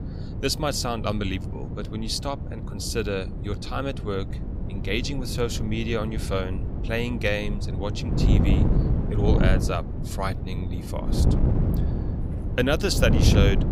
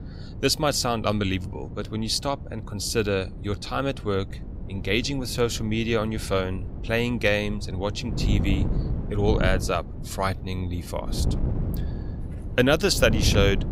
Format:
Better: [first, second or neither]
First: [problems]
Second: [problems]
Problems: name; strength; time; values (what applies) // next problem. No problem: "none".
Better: second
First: wind noise on the microphone; heavy; 7 dB below the speech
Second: wind noise on the microphone; occasional gusts; 15 dB below the speech